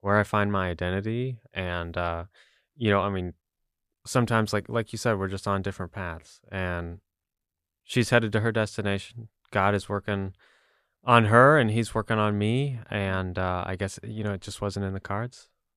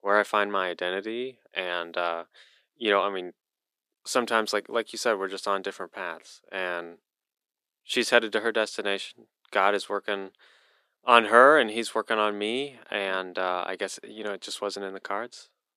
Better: first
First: none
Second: thin; somewhat; fading below 300 Hz

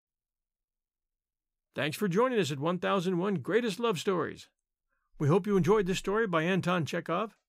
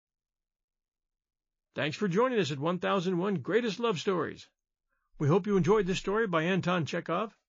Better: first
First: none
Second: garbled, watery; slightly

